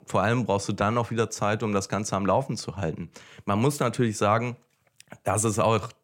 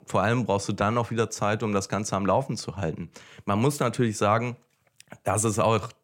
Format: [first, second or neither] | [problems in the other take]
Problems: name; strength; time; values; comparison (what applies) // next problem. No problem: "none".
neither | none